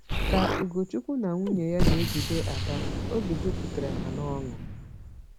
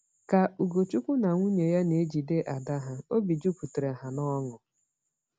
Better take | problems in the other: second | background sound (Explosion); 1 dB above the speech

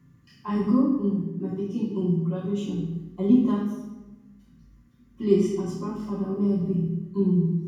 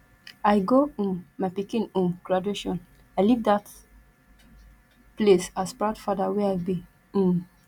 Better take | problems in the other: second | room echo; dies away in 1.1 s

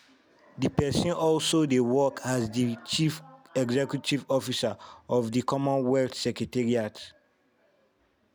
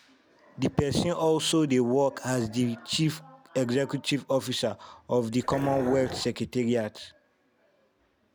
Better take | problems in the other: first | background sound (Dog); 8 dB below the speech

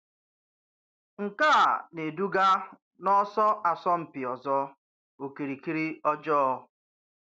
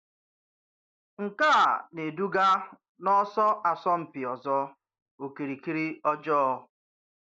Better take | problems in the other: first | noise reduction (neural mask model Resemble Enhance denoiser)

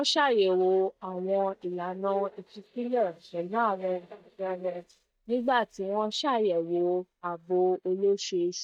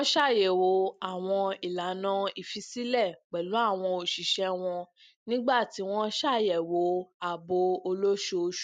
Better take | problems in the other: second | noise reduction (neural mask model DeepFilterNet 3)

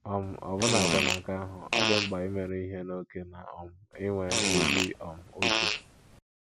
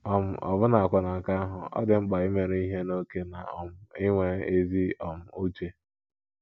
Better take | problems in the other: second | background sound (Fart); 3 dB above the speech

